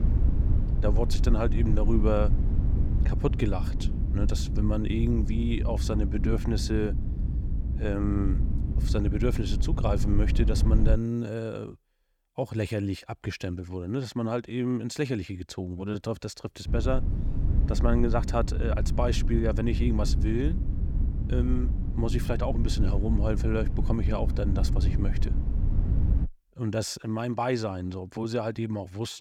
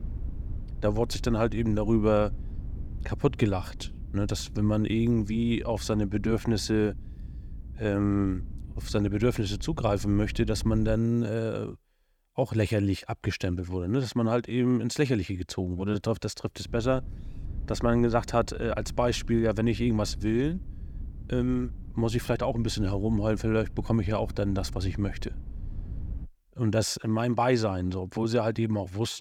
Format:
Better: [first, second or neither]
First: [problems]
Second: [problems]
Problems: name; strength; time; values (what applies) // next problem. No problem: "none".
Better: second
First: low rumble; loud; until 11 s and from 17 to 26 s; 9 dB below the speech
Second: low rumble; faint; until 11 s and from 17 to 26 s; 25 dB below the speech